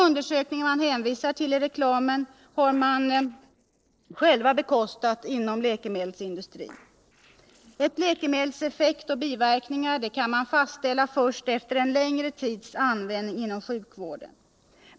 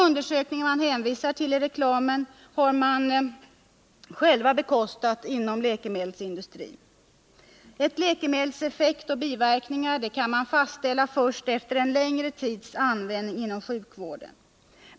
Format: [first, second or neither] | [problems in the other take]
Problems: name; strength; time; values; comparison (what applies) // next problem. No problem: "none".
second | noise reduction (neural separator model SepFormer DNS4)